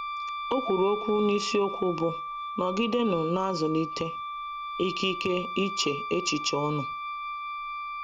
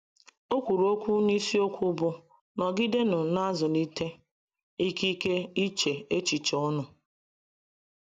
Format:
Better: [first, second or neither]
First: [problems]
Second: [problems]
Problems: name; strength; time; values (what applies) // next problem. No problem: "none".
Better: second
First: background sound (Wind instrument, woodwind instrument); 6 dB below the speech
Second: none